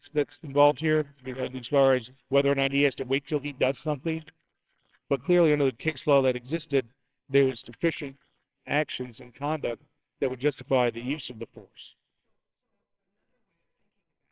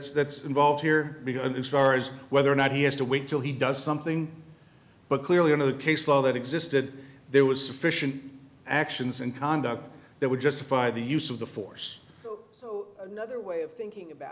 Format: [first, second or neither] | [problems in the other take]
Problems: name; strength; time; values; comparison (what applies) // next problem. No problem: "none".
second | noise reduction (neural separator model SepFormer WHAMR!)